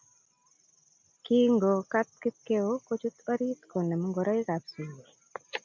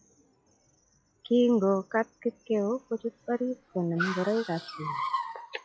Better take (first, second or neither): first